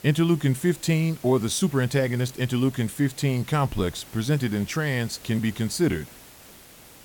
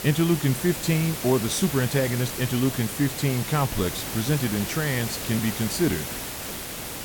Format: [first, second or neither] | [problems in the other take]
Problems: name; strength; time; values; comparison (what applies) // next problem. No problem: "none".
first | hiss; loud; throughout; 6 dB below the speech; faint in the first